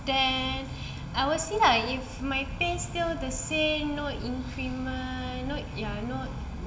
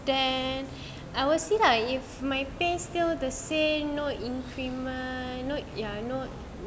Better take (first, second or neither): second